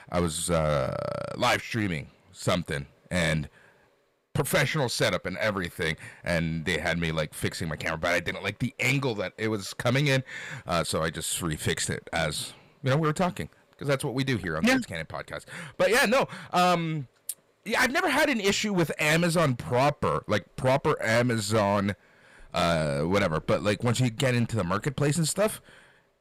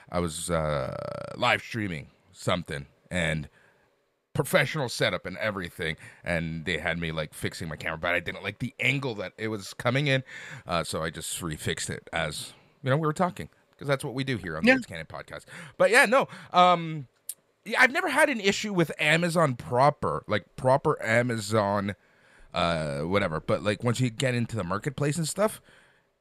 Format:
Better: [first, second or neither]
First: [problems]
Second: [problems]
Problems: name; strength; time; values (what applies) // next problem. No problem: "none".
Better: second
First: distortion; heavy; 6% of the sound clipped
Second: none